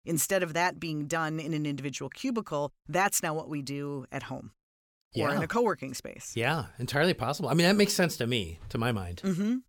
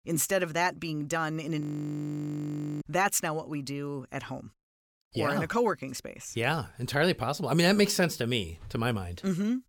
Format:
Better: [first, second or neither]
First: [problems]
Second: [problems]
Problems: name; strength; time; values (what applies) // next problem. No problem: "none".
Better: first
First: none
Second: audio freezing; at 1.5 s for 1 s